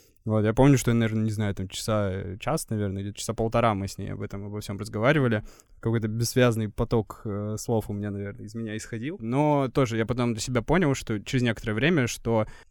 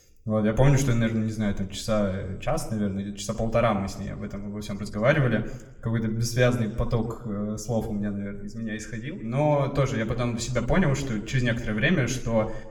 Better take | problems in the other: first | room echo; very slight; dies away in 0.7 s

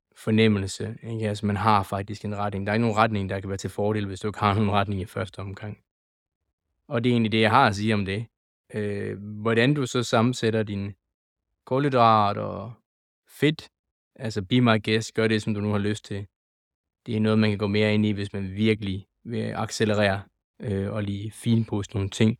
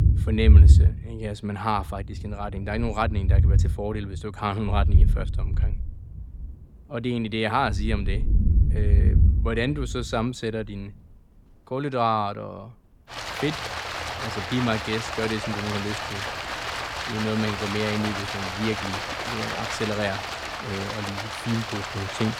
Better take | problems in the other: first | rain or running water; very loud; throughout; 4 dB above the speech

